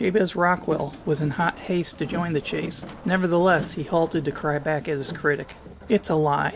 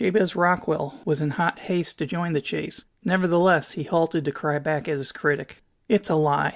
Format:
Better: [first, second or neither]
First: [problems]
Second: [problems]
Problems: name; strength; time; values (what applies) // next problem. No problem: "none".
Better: second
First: background sound (Boat, Water vehicle); 14 dB below the speech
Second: none